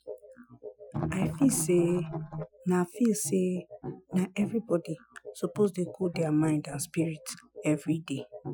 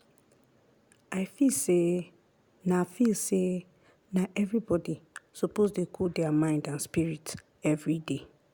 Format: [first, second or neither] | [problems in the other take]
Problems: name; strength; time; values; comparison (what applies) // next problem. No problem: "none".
second | noise reduction (classical method Wiener filter)